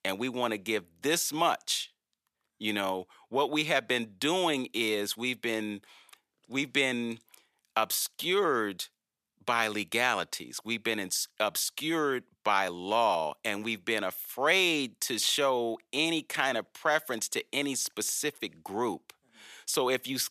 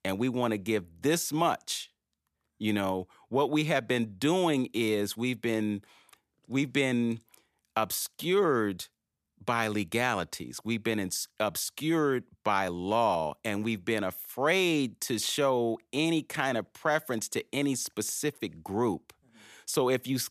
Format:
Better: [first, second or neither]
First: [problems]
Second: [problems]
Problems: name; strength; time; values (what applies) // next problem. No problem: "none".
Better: second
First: thin; very slightly; fading below 500 Hz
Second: none